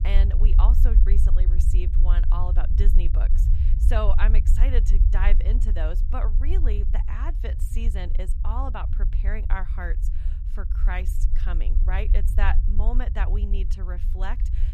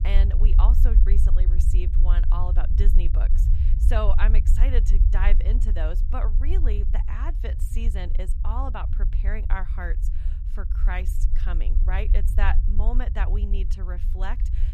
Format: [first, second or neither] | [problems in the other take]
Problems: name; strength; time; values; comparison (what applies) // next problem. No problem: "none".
neither | low rumble; loud; throughout; 9 dB below the speech; the same in both